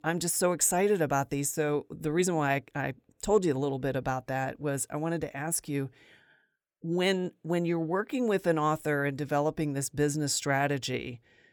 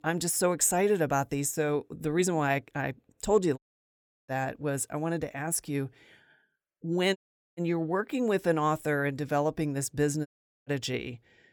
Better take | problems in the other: first | audio cutting out; at 3.5 s for 0.5 s, at 7 s and at 10 s

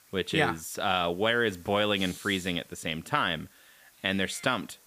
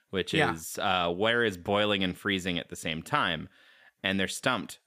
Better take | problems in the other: second | hiss; faint; throughout; 20 dB below the speech

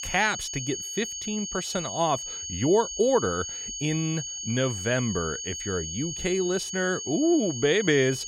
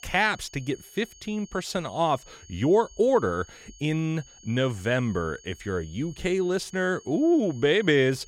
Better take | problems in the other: second | high-pitched whine; loud; throughout; 6.5 kHz, 5 dB below the speech; faint in the second

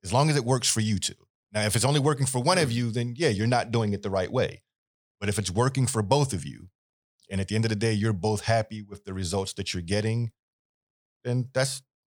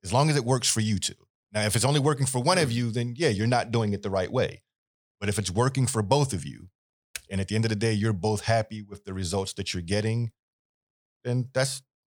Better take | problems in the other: first | keyboard typing; very faint; at 7 s; peak 15 dB below the speech

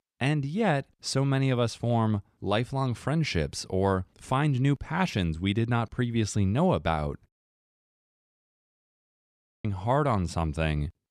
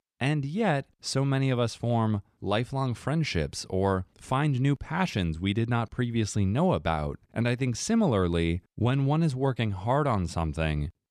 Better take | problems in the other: second | audio cutting out; at 7.5 s for 2.5 s

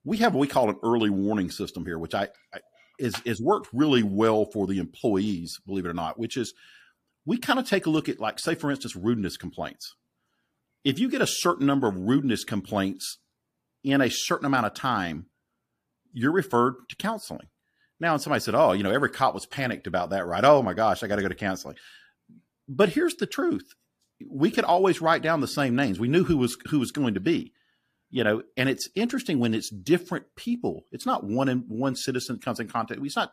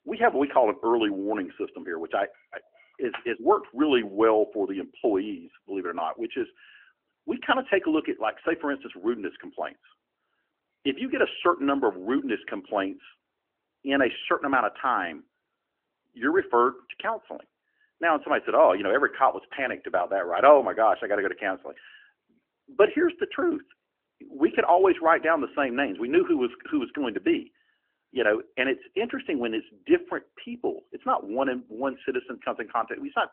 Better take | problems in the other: first | phone-call audio; nothing above 3 kHz

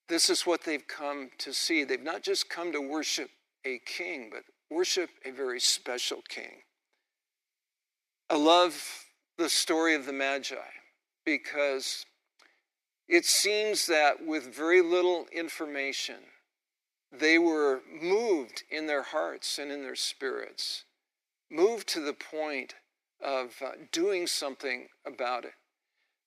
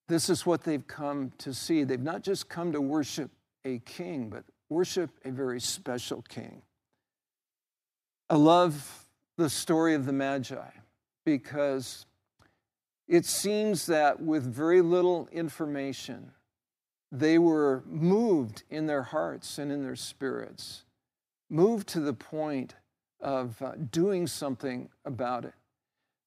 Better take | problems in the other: second | thin; somewhat; fading below 350 Hz

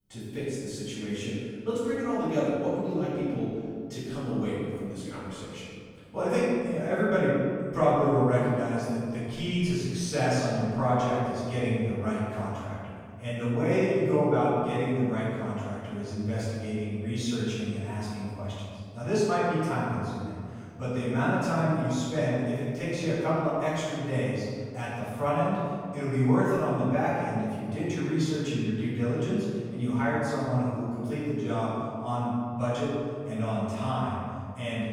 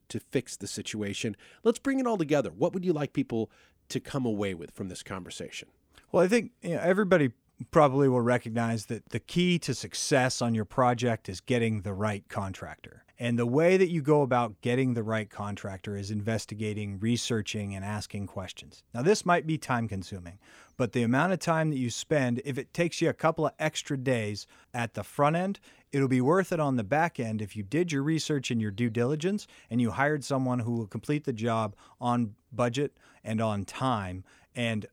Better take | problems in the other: second | off-mic speech; far // room echo; strong; dies away in 2.2 s

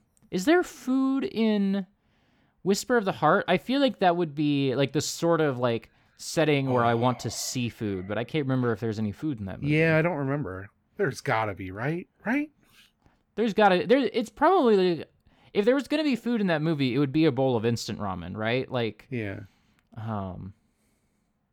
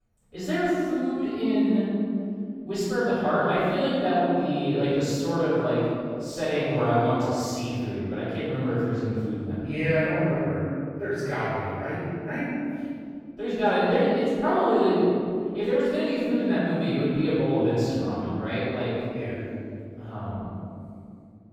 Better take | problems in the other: first | off-mic speech; far // room echo; strong; dies away in 2.5 s

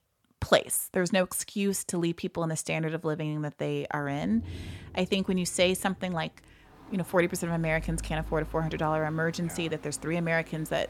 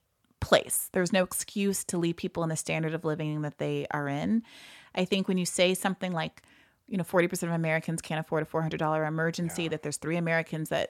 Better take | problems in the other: second | rain or running water; noticeable; from 4 s on; 15 dB below the speech

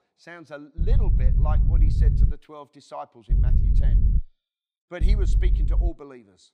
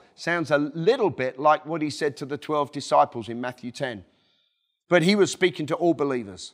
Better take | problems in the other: second | low rumble; loud; from 1 to 2.5 s, at 3.5 s and at 5 s; 2 dB below the speech

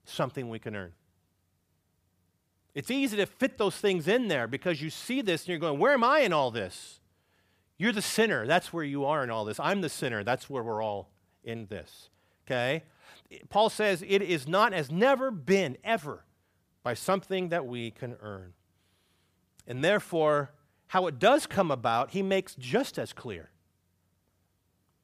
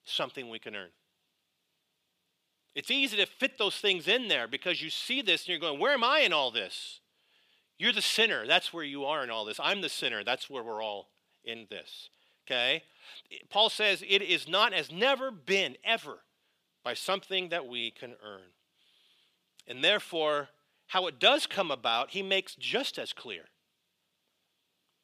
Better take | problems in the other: first | thin; very slightly; fading below 300 Hz

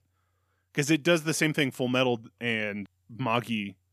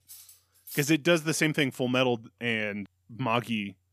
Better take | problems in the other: first | clattering dishes; faint; at the start; peak 15 dB below the speech

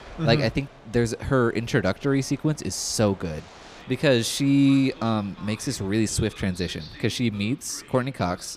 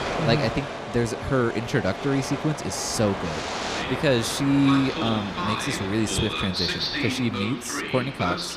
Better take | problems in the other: first | train or aircraft noise; loud; throughout; 4 dB below the speech; faint in the first

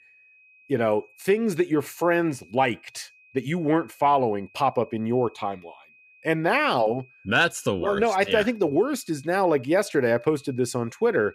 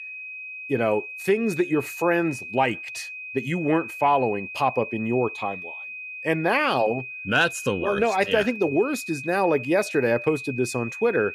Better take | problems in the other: first | high-pitched whine; loud; throughout; 2.5 kHz, 10 dB below the speech; faint in the first

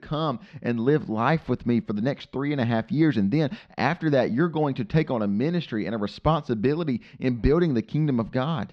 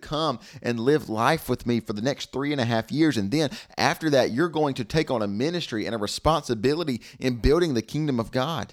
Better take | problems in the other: second | muffled; slightly; fading above 3.5 kHz

